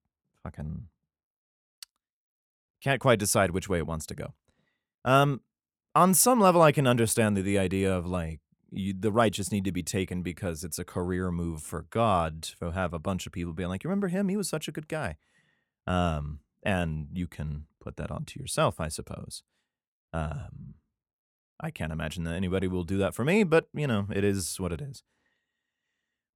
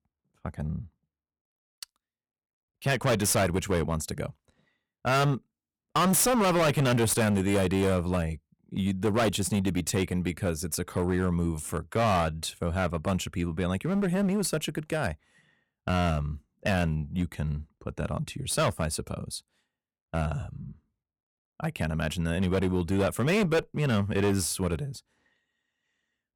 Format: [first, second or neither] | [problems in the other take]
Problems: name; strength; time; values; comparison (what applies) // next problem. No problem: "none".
first | distortion; heavy; 10% of the sound clipped